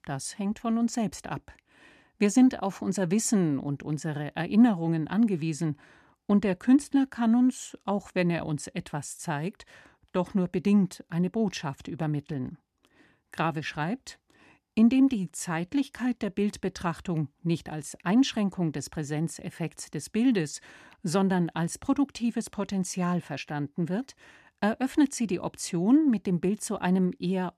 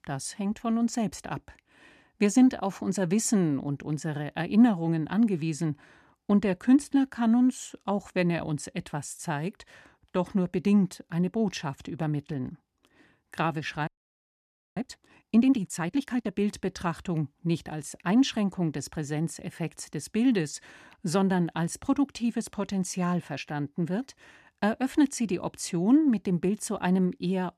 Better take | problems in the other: first | audio freezing; at 14 s for 1 s

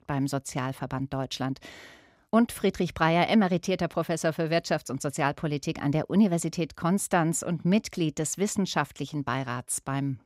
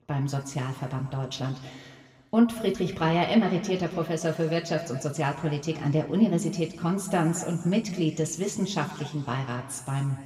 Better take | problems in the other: first | room echo; slight; dies away in 1.7 s // off-mic speech; somewhat distant

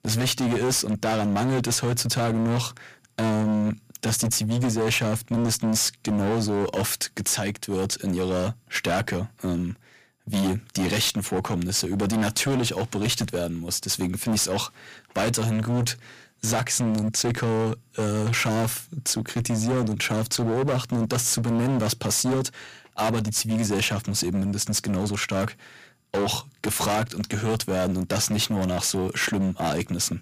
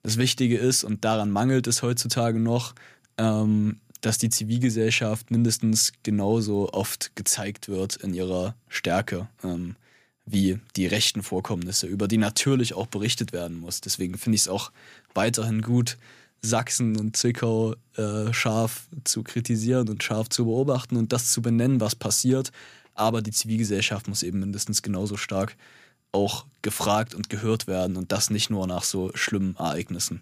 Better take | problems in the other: second | distortion; heavy; 22% of the sound clipped

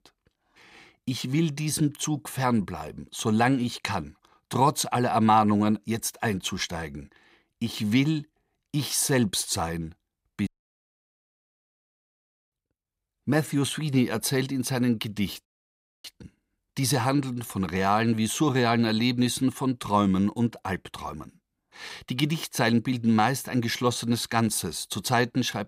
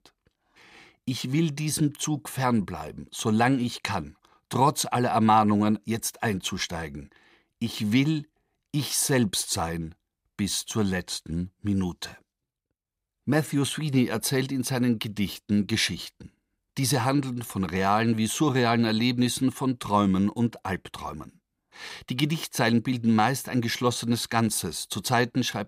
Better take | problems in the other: second | audio cutting out; at 10 s for 2 s and at 15 s for 0.5 s

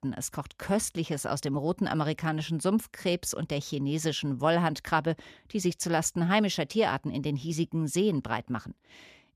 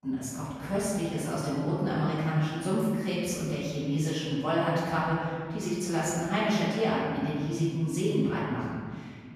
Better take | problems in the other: first | off-mic speech; far // room echo; strong; dies away in 1.8 s

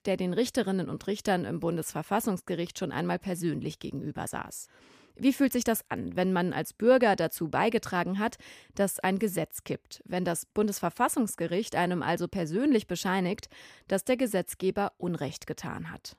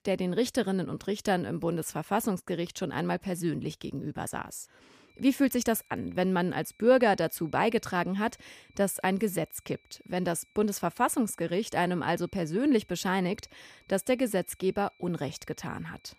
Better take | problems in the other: first | high-pitched whine; faint; from 5 s on; 2.5 kHz, 35 dB below the speech

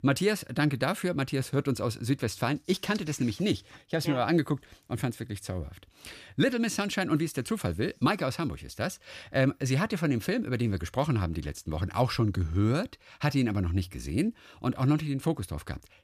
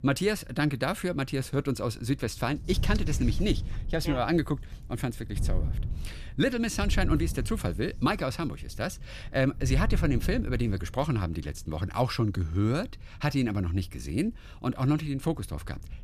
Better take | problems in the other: first | wind noise on the microphone; occasional gusts; 20 dB below the speech

